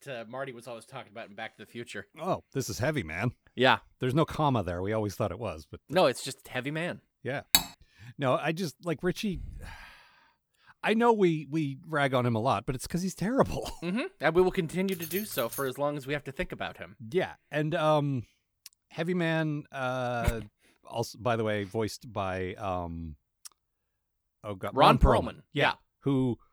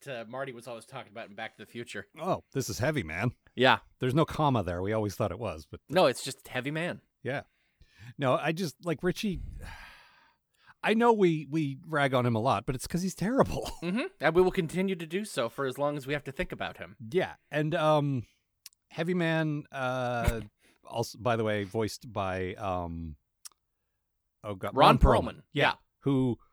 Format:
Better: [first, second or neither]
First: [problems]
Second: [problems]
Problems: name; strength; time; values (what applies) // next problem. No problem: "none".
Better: second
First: clattering dishes; loud; at 7.5 s; peak 5 dB above the speech // jangling keys; noticeable; at 15 s; peak 7 dB below the speech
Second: none